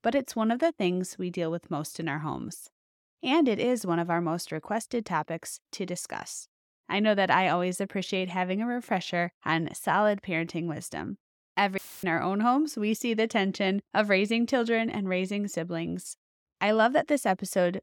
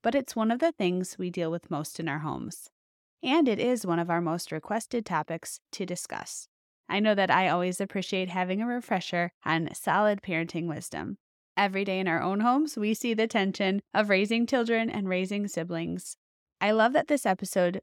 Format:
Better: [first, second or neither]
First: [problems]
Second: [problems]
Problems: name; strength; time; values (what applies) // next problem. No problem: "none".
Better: second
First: audio cutting out; filled with static; at 12 s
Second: none